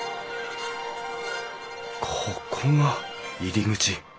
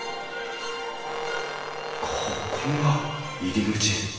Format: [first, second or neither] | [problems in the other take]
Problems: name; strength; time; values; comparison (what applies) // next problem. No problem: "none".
first | background sound (Brass instrument); 8 dB below the speech // room echo; dies away in 1.3 s